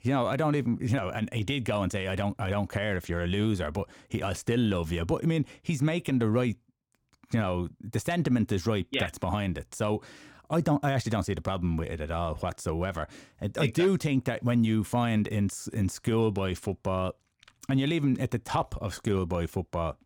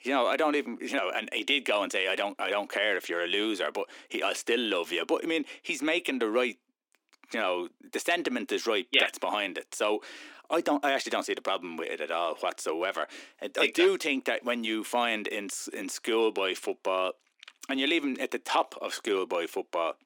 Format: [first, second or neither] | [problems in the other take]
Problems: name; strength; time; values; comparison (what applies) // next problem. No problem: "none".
first | thin; somewhat; fading below 300 Hz